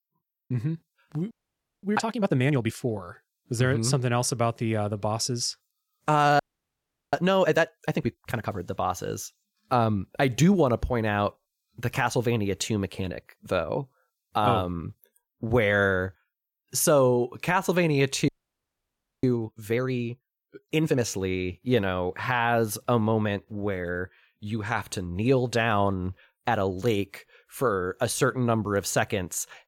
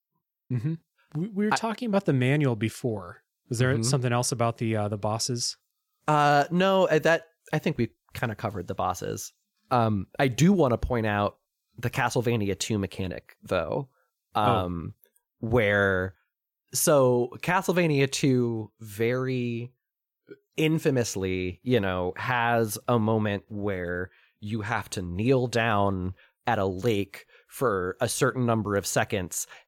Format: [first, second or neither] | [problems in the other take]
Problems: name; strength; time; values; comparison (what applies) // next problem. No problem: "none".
second | audio freezing; at 1.5 s for 0.5 s, at 6.5 s for 0.5 s and at 18 s for 1 s